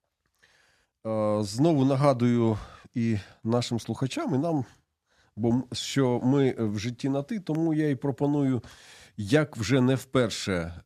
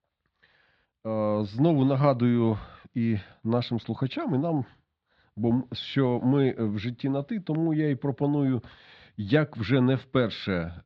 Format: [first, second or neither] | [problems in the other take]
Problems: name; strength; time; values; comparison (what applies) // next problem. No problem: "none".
first | muffled; slightly; fading above 4 kHz